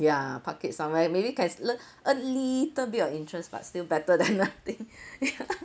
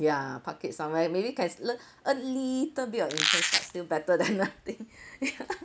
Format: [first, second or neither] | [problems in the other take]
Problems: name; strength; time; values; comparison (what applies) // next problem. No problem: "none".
first | background sound (Squeak); 3 dB above the speech